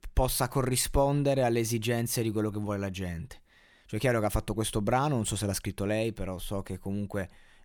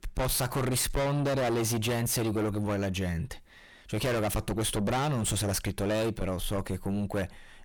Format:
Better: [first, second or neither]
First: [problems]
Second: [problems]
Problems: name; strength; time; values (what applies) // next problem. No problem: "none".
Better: first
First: none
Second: distortion; heavy; 5 dB below the speech